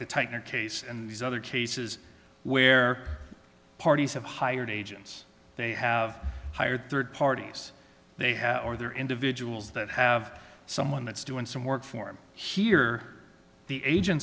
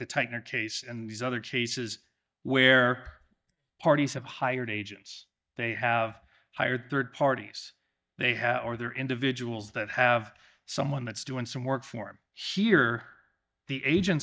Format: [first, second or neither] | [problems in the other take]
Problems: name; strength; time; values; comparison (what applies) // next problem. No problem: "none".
first | noise reduction (neural mask model DeepFilterNet 3)